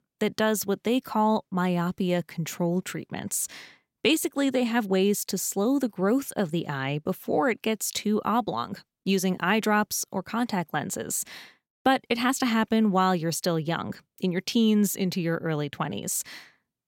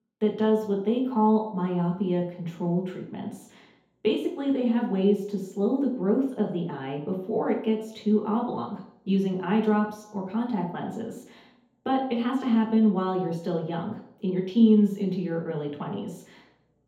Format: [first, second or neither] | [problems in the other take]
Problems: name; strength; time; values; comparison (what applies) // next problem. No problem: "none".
first | room echo; noticeable; dies away in 2 s // off-mic speech; far